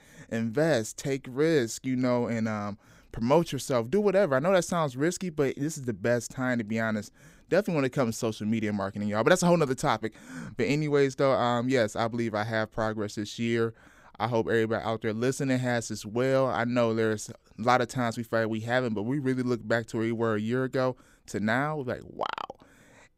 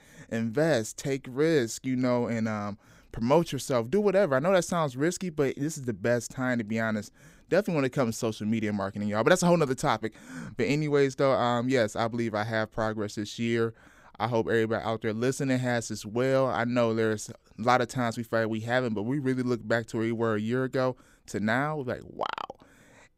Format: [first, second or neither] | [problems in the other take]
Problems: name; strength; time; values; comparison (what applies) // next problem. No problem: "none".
neither | none